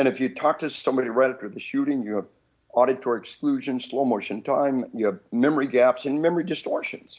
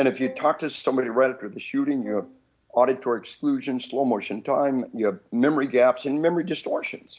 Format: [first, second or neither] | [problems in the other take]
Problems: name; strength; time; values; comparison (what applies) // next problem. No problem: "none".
first | background sound (Brass instrument); 20 dB below the speech